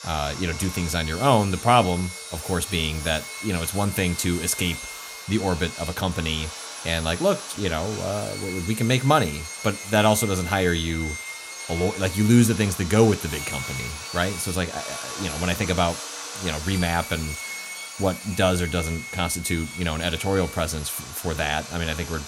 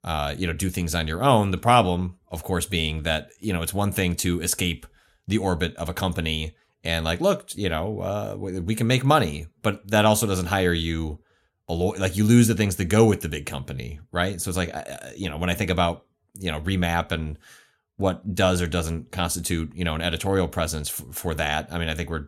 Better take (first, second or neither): second